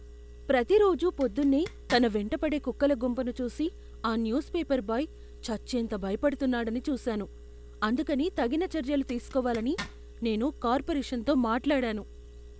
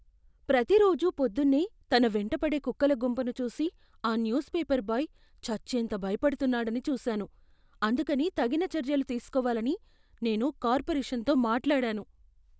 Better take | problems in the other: second | background sound (Engine + Zipper (clothing)); 16 dB below the speech

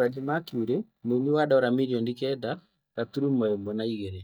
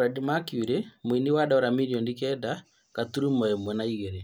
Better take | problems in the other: second | noise reduction (neural mask model DeepFilterNet 3)

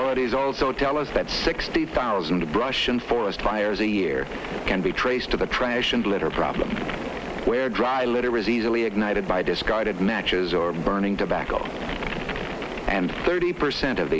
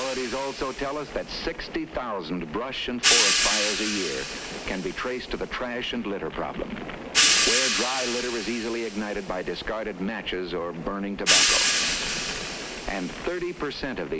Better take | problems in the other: first | background sound (Hi-hat); 2 dB above the speech

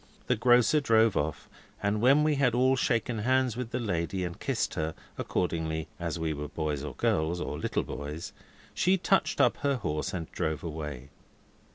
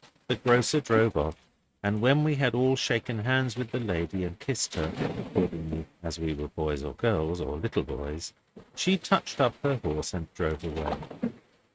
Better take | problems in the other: first | noise reduction (neural mask model RNNoise)

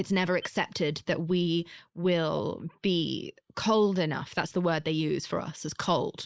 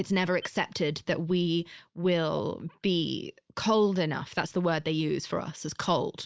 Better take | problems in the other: second | noise reduction (neural mask model Resemble Enhance denoiser)

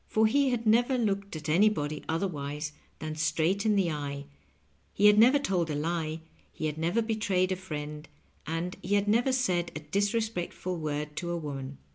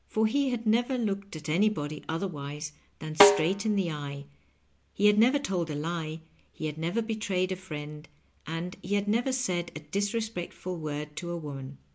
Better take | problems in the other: first | background sound (Snare drum); 4 dB above the speech

